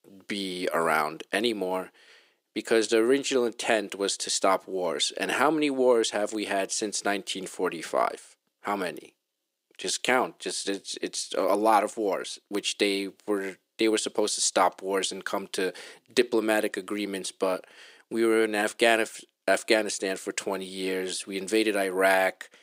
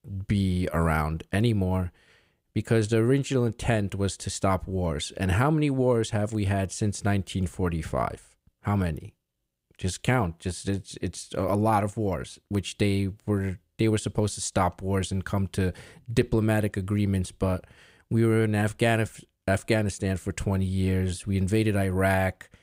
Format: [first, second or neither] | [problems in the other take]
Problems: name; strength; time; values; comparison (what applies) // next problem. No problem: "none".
second | thin; somewhat; fading below 300 Hz